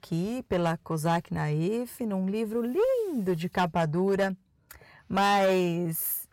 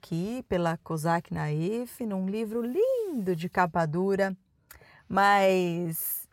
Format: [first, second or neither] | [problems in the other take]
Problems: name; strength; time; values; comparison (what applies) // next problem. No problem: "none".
second | distortion; slight; 5% of the sound clipped